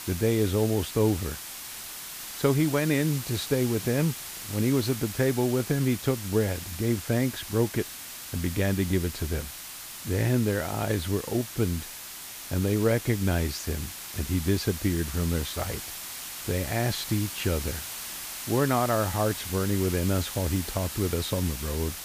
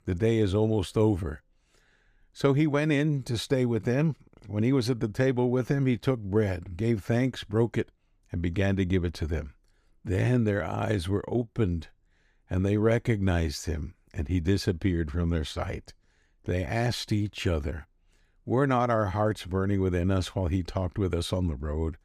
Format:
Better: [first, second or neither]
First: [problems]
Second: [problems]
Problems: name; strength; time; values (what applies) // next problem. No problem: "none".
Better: second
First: hiss; loud; throughout; 8 dB below the speech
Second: none